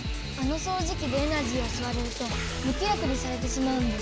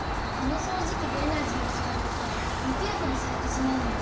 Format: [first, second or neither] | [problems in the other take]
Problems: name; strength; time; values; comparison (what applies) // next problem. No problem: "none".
first | background sound (Rain); as loud as the speech // room echo; dies away in 2.1 s